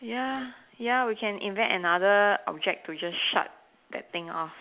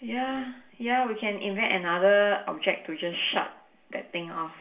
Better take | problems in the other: first | room echo; dies away in 0.4 s

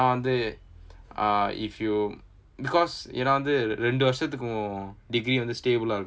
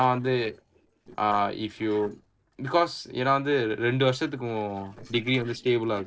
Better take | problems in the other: first | noise reduction (neural separator model SepFormer DNS4)

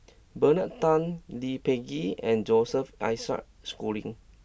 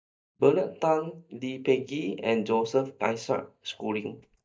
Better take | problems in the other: first | noise reduction (neural mask model DeepFilterNet 3)

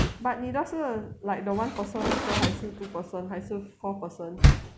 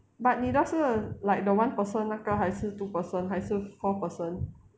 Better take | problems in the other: second | background sound (Door); 3 dB above the speech

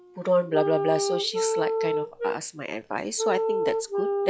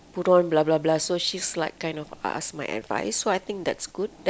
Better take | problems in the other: second | noise reduction (classical method log-MMSE)

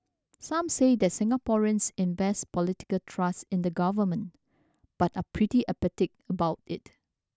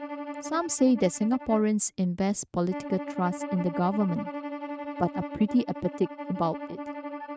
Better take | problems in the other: first | noise reduction (neural mask model RNNoise)

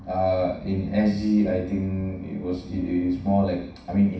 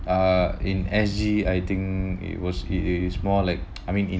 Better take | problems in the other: second | room echo; dies away in 0.6 s

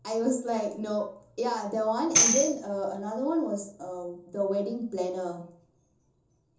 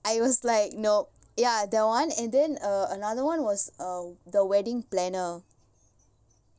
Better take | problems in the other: second | background sound (Tambourine); 2 dB above the speech // room echo; dies away in 0.6 s

